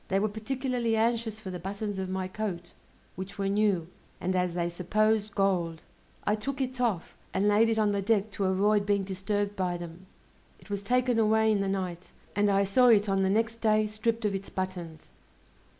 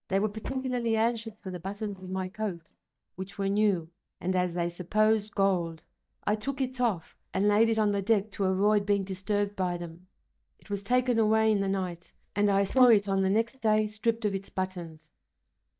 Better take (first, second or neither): first